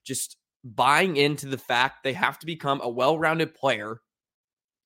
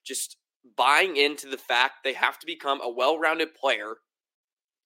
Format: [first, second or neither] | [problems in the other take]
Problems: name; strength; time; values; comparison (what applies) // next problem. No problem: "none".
first | thin; somewhat; fading below 300 Hz